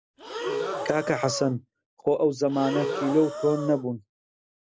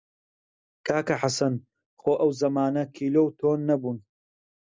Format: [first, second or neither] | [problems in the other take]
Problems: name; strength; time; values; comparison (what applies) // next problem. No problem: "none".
second | background sound (Breathing); 6 dB below the speech